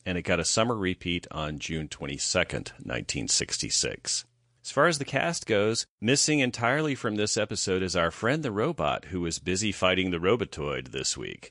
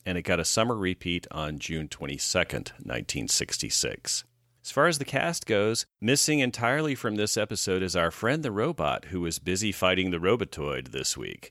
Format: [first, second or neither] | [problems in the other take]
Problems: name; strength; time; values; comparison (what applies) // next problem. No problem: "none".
second | garbled, watery; slightly; nothing above 8 kHz